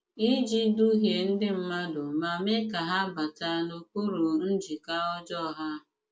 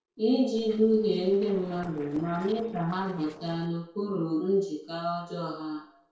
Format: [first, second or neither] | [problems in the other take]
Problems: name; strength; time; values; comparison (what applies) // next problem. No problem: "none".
first | noise reduction (neural separator model SepFormer DNS4)